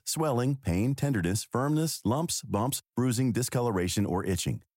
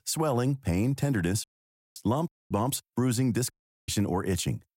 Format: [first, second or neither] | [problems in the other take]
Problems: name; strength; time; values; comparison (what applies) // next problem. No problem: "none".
first | audio cutting out; at 1.5 s for 0.5 s, at 2.5 s and at 3.5 s